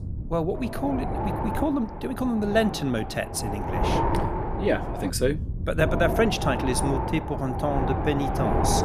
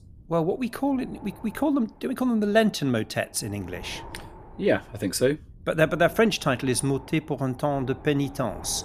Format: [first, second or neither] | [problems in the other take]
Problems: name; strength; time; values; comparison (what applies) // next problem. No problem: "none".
second | wind noise on the microphone; heavy; 2 dB below the speech; occasional gusts in the second